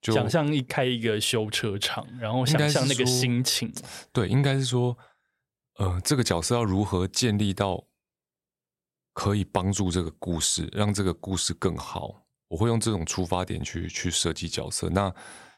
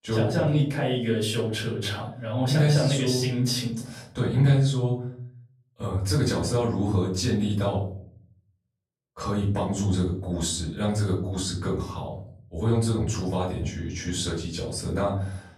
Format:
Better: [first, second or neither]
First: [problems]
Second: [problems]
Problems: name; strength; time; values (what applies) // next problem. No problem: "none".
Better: first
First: none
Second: off-mic speech; far // room echo; slight; dies away in 0.8 s